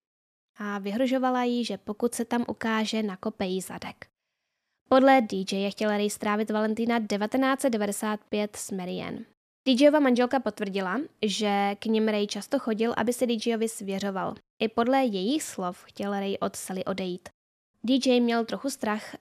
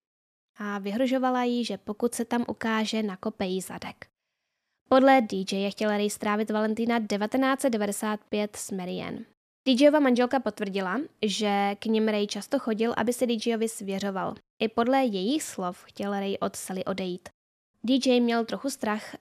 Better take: neither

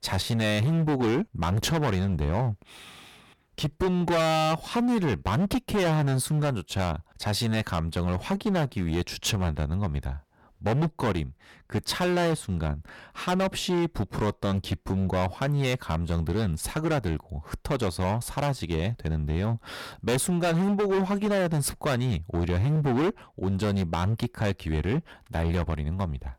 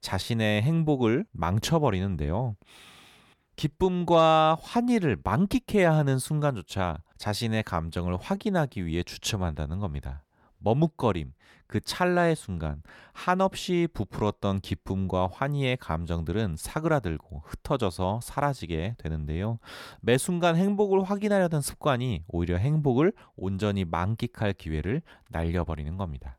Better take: second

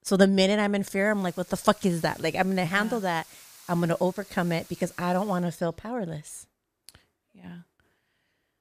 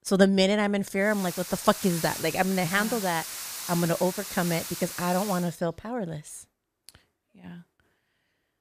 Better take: first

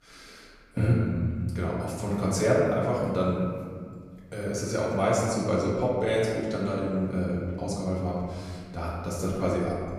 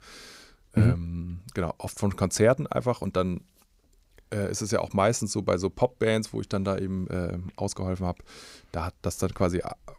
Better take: second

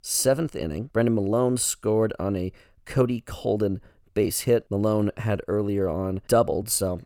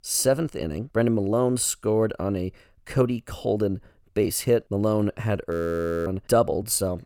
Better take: first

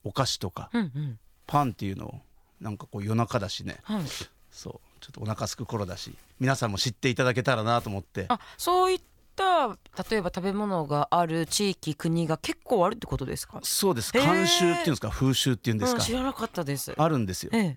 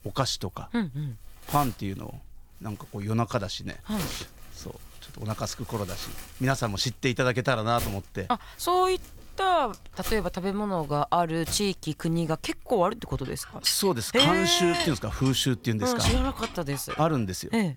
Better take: first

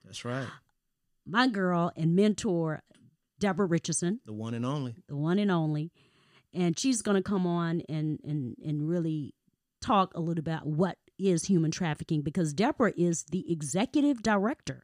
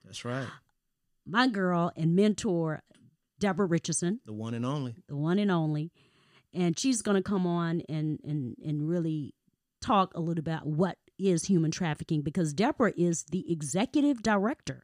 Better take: neither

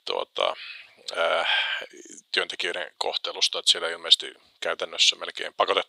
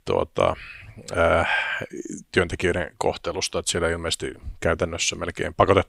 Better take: second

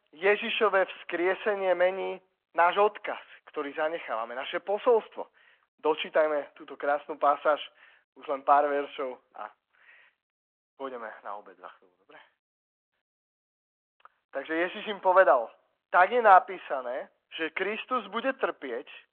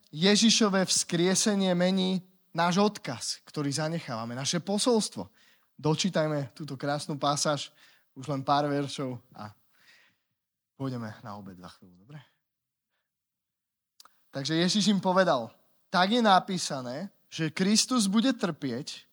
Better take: second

